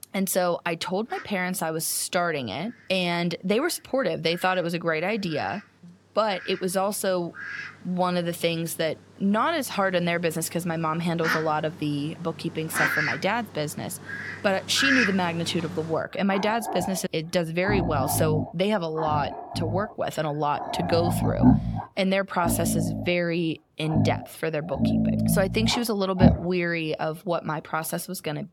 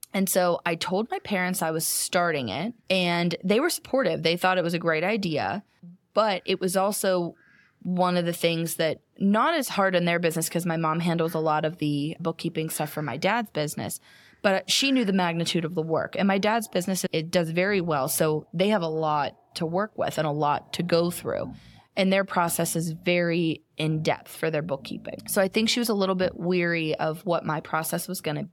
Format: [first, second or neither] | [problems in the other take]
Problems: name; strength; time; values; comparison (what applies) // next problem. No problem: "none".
second | animal sounds; loud; throughout; 1 dB below the speech; faint in the second